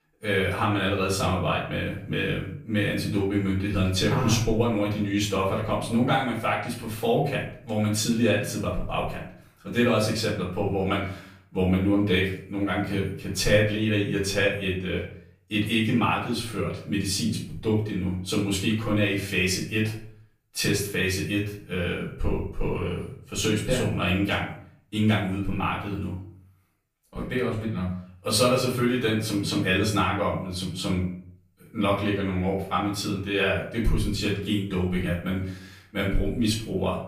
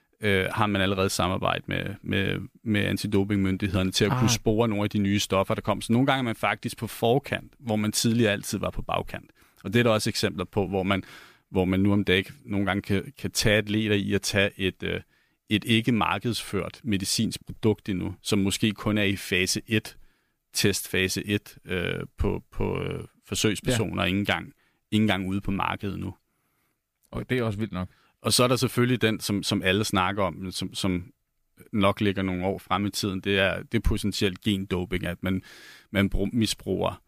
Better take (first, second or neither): second